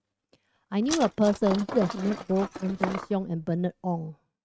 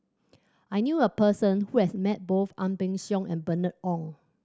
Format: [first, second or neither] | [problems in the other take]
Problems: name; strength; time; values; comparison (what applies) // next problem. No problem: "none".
second | noise reduction (neural mask model RNNoise)